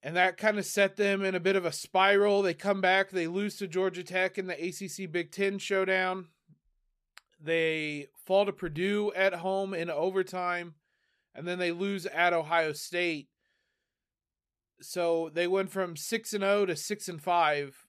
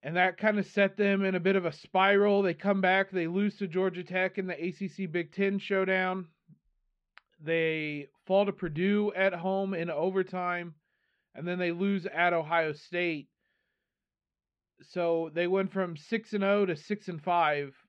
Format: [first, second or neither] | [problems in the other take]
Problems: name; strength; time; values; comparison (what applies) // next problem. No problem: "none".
first | muffled; slightly; fading above 3.5 kHz